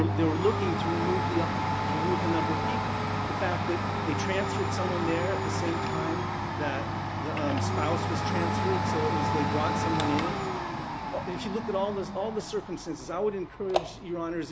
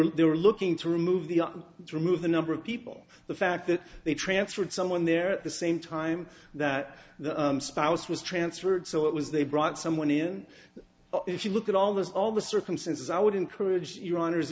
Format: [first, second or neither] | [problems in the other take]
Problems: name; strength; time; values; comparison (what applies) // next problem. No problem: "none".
second | background sound (Domestic sounds, home sounds); 3 dB above the speech